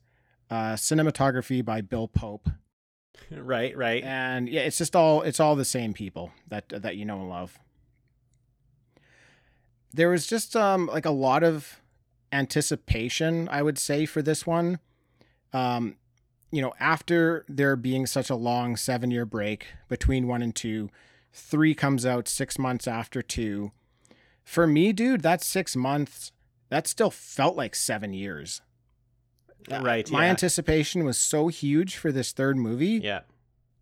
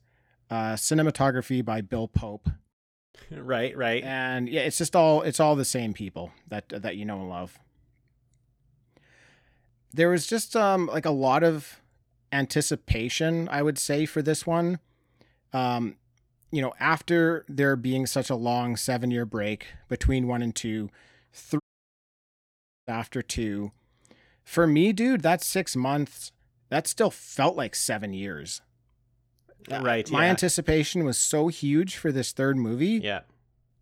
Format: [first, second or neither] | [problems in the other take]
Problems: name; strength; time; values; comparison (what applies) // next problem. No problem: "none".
first | audio cutting out; at 22 s for 1.5 s